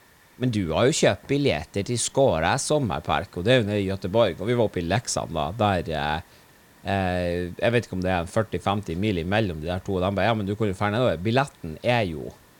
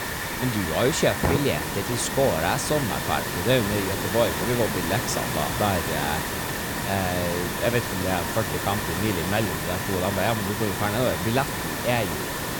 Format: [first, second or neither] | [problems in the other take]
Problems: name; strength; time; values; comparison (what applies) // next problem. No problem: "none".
first | hiss; loud; throughout; 1 dB below the speech; faint in the first